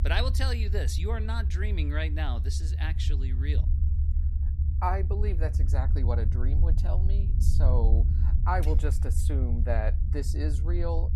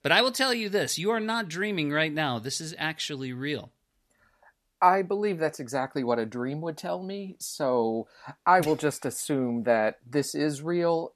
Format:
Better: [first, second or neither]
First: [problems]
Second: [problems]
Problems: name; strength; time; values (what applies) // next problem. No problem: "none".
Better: second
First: low rumble; loud; throughout; 9 dB below the speech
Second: none